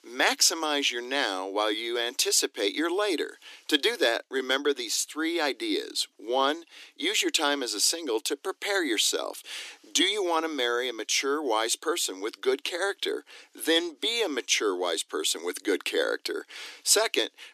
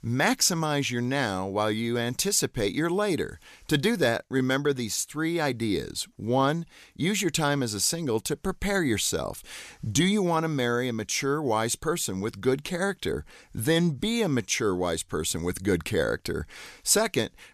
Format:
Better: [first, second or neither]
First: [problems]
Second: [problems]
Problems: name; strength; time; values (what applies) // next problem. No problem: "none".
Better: second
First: thin; somewhat; fading below 300 Hz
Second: none